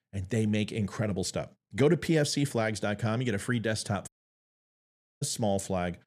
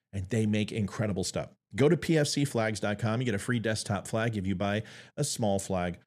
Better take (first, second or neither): second